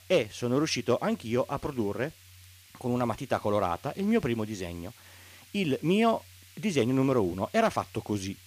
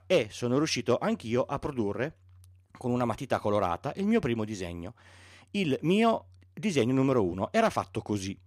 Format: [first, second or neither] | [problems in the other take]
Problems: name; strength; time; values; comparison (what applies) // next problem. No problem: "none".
second | hiss; faint; throughout; 25 dB below the speech